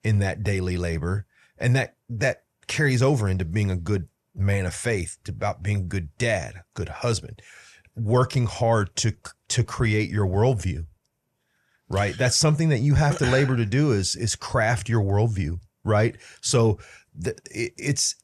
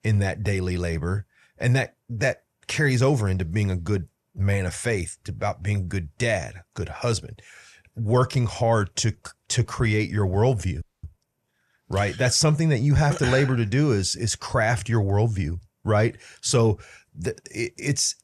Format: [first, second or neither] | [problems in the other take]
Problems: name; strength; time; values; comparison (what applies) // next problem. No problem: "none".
first | audio freezing; at 11 s